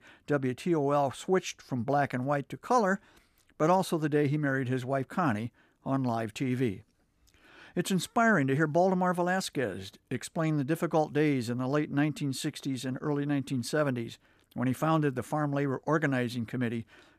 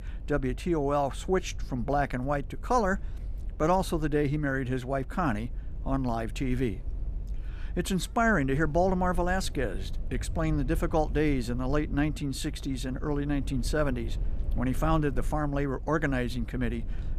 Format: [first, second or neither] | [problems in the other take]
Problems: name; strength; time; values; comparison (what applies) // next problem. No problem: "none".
first | low rumble; faint; throughout; 25 dB below the speech